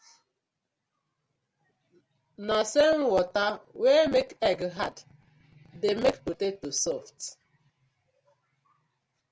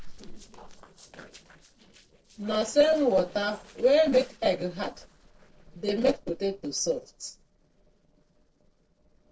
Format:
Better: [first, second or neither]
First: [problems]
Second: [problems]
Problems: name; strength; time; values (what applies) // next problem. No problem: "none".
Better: first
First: none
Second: noise reduction (neural separator model SepFormer DNS4)